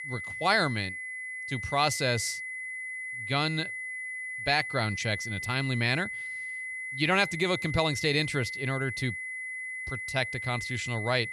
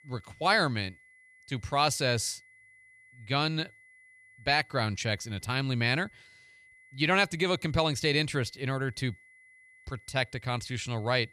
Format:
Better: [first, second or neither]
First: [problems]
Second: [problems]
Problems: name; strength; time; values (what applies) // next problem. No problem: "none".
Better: second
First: high-pitched whine; loud; throughout; 2 kHz, 6 dB below the speech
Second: high-pitched whine; faint; throughout; 2 kHz, 25 dB below the speech